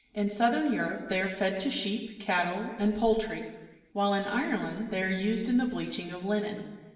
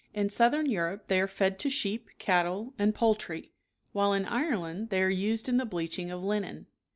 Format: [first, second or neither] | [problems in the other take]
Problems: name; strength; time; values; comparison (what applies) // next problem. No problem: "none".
second | room echo; dies away in 1.2 s